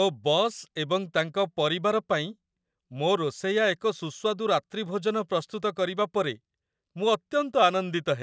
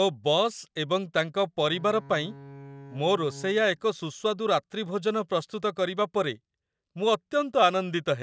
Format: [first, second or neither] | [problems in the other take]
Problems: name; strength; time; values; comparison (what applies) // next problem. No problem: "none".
first | background sound (Bowed string instrument); 20 dB below the speech